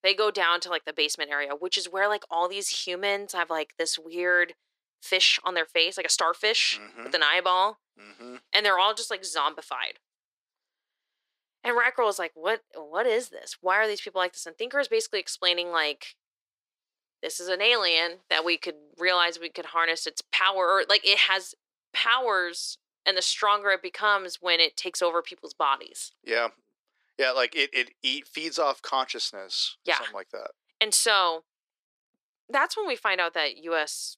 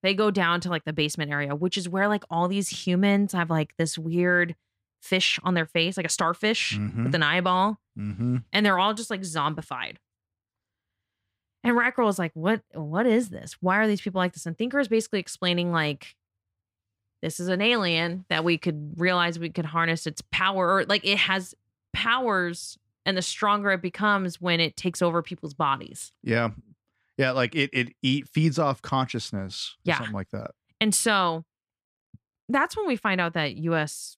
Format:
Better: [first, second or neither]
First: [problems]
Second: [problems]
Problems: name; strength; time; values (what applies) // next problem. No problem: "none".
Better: second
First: thin; very; fading below 400 Hz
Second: none